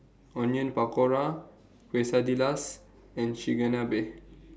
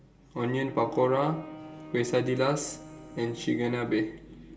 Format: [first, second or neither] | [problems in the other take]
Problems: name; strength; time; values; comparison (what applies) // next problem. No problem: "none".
first | background sound (Bowed string instrument); 16 dB below the speech // room echo; dies away in 2.7 s